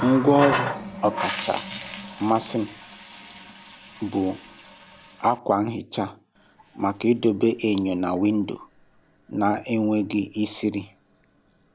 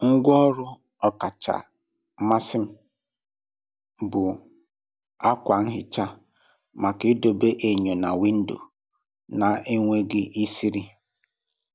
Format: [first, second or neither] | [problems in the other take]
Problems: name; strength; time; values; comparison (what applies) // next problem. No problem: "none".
second | background sound (Water tap, faucet); 10 dB below the speech